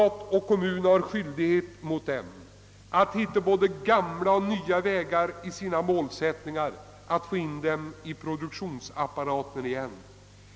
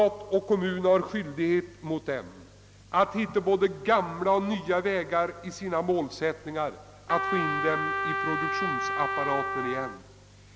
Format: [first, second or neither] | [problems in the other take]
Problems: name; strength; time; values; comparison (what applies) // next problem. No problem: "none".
first | background sound (Trumpet); 2 dB below the speech